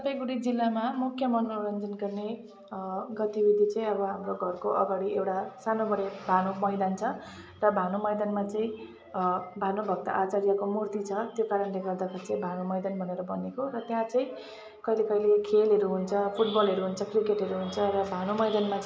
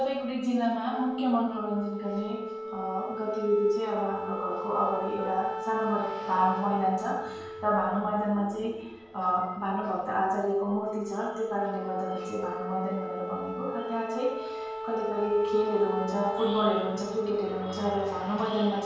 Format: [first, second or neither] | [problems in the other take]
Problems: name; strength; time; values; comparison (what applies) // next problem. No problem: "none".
first | background sound (Wind instrument, woodwind instrument); 9 dB below the speech // room echo; dies away in 0.7 s